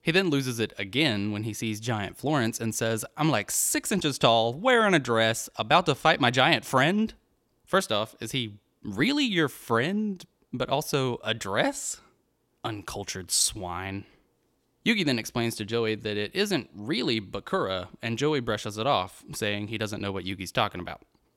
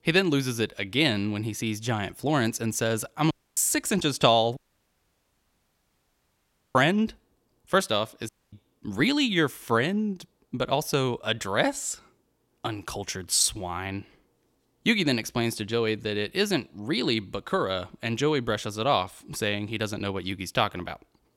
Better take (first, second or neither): first